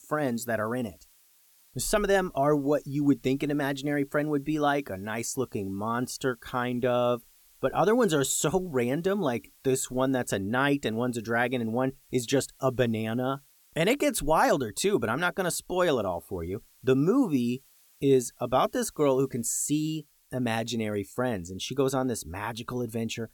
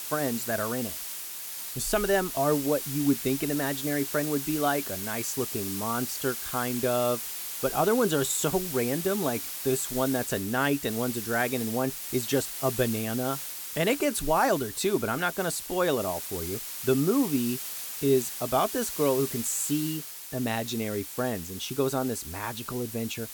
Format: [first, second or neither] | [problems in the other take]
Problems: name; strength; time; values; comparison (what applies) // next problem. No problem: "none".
first | hiss; loud; throughout; 5 dB below the speech; faint in the first